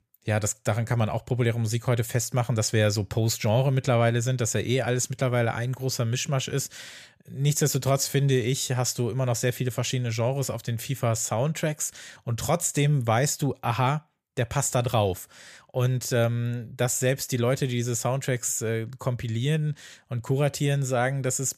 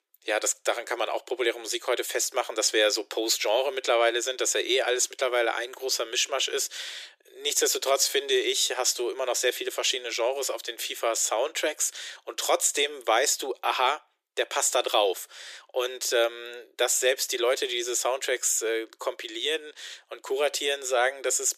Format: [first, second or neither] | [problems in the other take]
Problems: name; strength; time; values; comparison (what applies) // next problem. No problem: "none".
first | thin; very; fading below 350 Hz